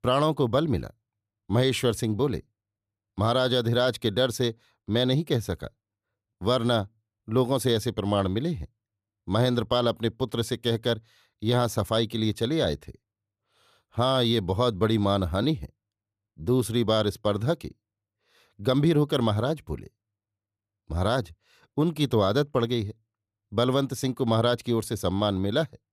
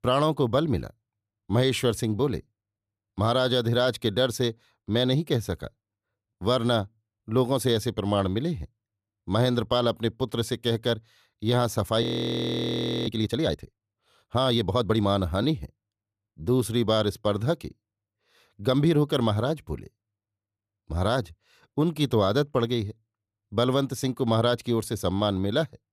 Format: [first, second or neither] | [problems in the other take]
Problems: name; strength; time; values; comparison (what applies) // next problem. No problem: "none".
first | audio freezing; at 12 s for 1 s